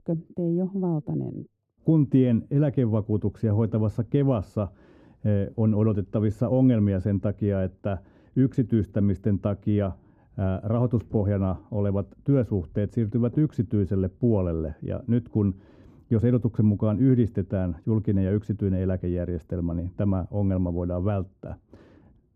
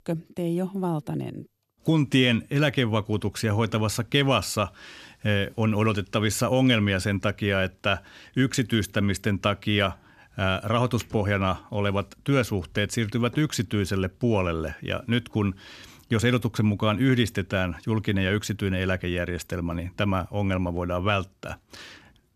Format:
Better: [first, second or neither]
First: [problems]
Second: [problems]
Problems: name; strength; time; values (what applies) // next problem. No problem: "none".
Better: second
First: muffled; very; fading above 1 kHz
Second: none